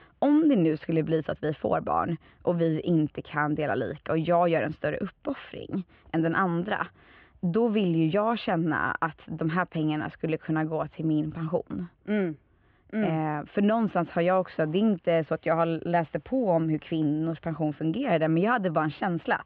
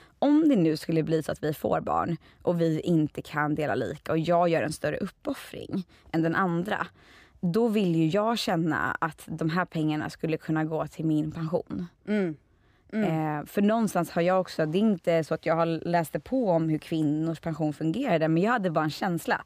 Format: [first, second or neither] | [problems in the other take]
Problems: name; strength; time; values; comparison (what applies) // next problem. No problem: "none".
second | muffled; very; fading above 3 kHz